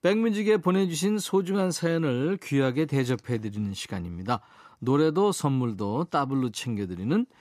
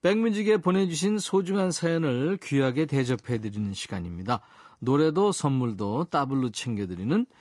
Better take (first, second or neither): first